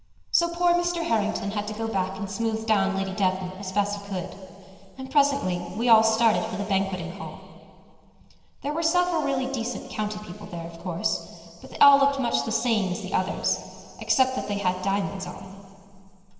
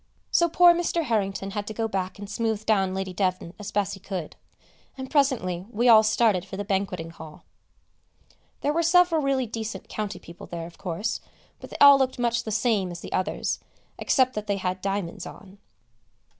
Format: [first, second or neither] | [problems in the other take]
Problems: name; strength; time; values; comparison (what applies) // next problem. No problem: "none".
second | room echo; dies away in 2.9 s